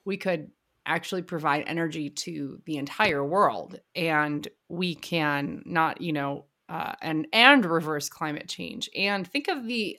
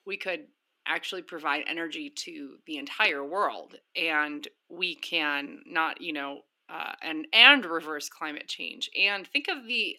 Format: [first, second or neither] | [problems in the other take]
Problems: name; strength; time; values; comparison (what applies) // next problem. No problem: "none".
first | thin; very slightly; fading below 300 Hz